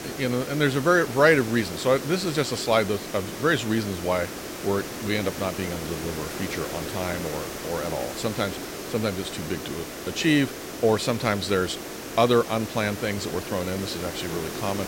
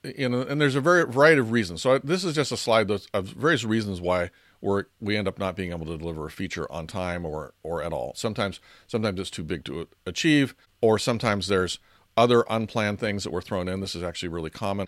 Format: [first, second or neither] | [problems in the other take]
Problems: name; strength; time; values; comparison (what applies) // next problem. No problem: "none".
second | hiss; loud; throughout; 8 dB below the speech